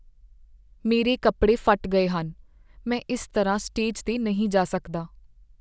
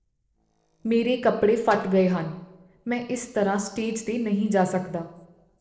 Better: first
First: none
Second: noise reduction (neural separator model SepFormer DNS4)

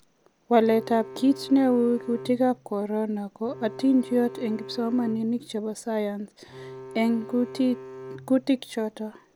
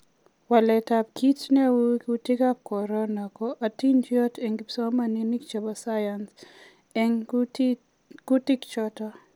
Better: second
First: background sound (Bowed string instrument); 16 dB below the speech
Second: none

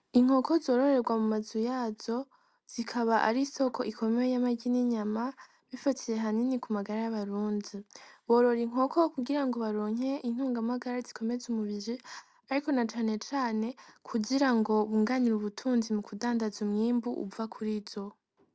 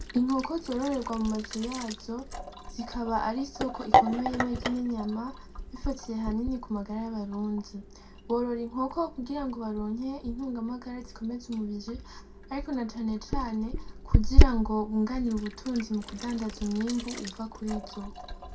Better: first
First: none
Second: background sound (Sink (filling or washing)); 2 dB above the speech // room echo; dies away in 0.2 s

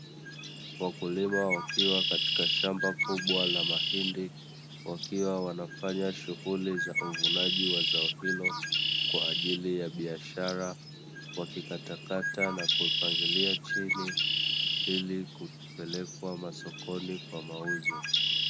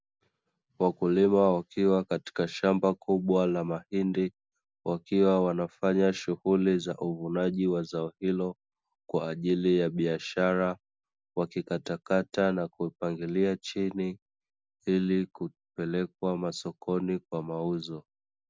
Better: second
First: background sound (Bird); 3 dB above the speech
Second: none

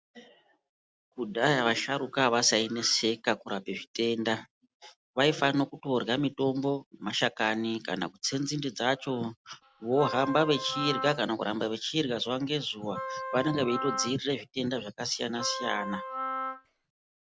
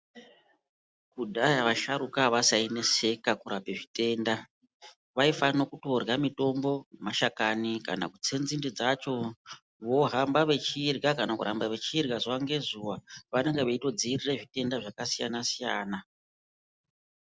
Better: second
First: background sound (Wind instrument, woodwind instrument); 7 dB below the speech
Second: none

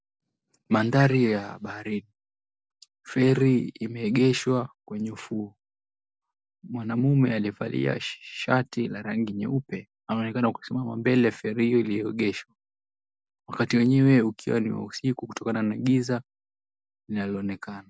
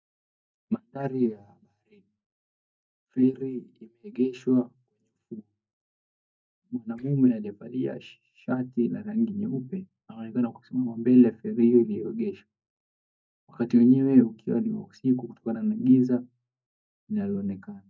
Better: first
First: none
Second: noise reduction (neural mask model DeepFilterNet 3)

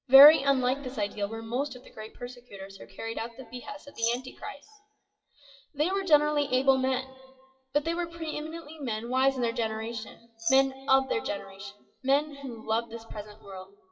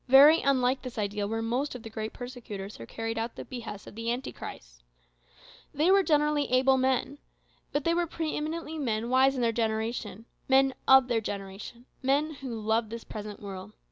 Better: second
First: noise reduction (classical method WPE with log-MMSE)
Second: none

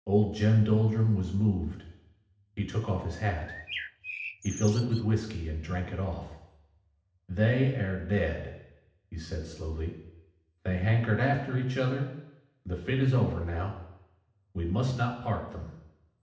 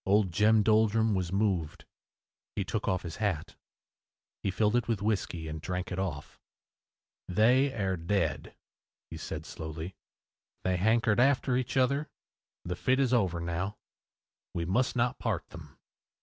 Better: second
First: background sound (Bird); 11 dB below the speech // room echo; dies away in 0.8 s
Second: none

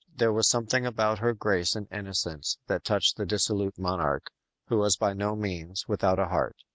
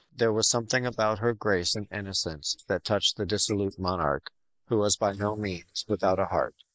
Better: first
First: none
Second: noise reduction (neural mask model Resemble Enhance denoiser)

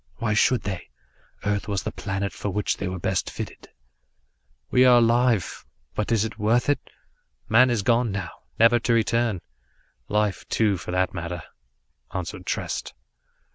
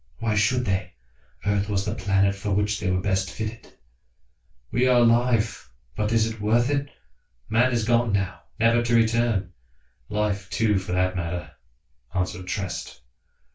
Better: first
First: none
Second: room echo; dies away in 0.2 s

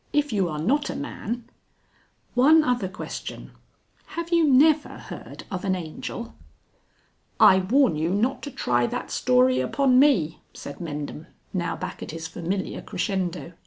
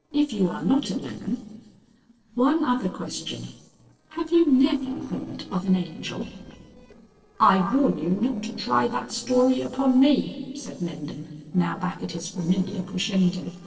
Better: first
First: none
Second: noise reduction (neural separator model SepFormer DNS4)

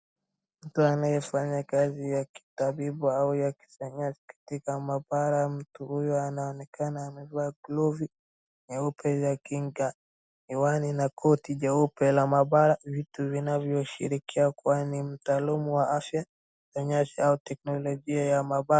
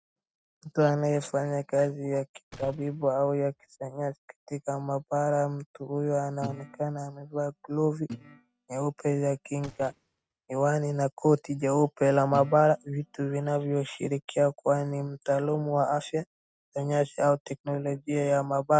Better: first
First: none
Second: noise reduction (neural mask model RNNoise)

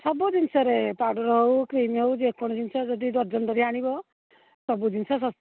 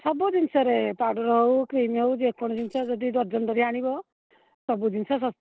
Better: first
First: none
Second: noise reduction (neural separator model SepFormer DNS4)

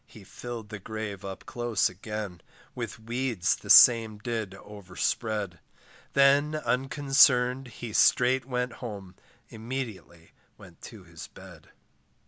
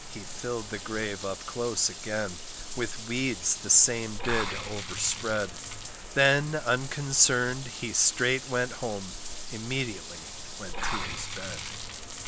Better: first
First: none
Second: background sound (Bathtub (filling or washing) / Water); 8 dB below the speech

